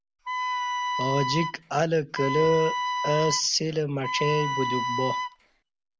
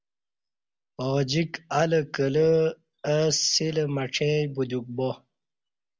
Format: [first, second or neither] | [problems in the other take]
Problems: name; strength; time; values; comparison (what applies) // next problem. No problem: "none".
second | background sound (Wind instrument, woodwind instrument); 2 dB below the speech